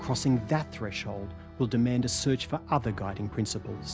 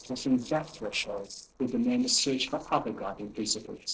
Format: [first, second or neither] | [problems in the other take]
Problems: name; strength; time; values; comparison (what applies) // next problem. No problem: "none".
first | noise reduction (neural separator model SepFormer DNS4)